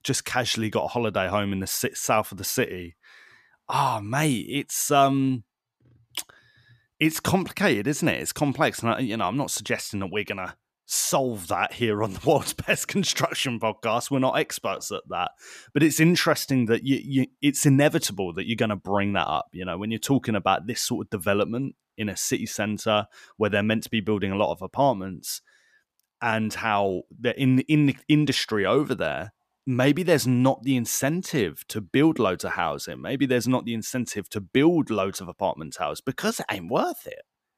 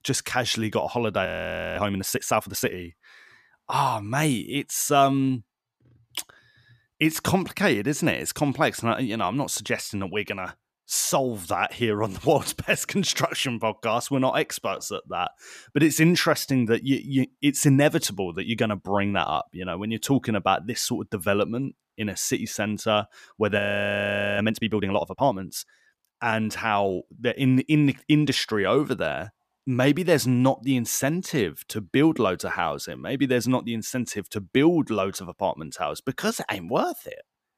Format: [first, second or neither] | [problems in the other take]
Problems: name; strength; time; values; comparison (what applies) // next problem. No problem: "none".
first | audio freezing; at 1.5 s for 0.5 s and at 24 s for 1 s